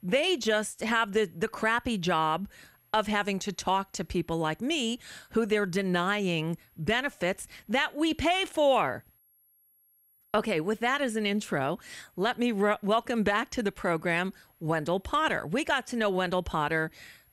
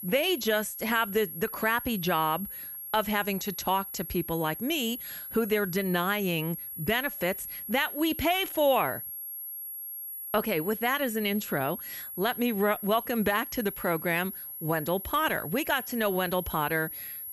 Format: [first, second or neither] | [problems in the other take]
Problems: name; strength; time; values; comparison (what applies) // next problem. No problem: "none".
first | high-pitched whine; loud; throughout; 11.5 kHz, 8 dB below the speech; faint in the first